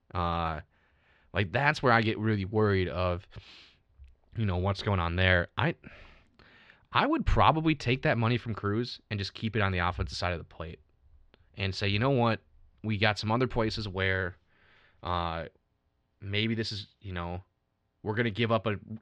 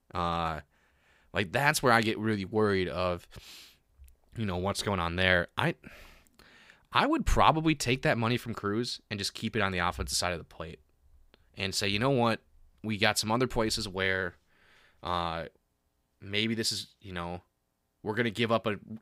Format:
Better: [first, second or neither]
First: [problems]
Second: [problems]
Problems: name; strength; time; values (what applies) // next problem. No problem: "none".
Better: second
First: muffled; very slightly; fading above 4 kHz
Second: none